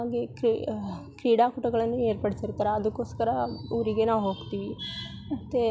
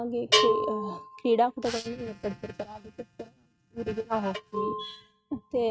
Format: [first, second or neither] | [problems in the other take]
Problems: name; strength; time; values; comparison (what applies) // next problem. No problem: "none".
first | noise reduction (neural mask model RNNoise)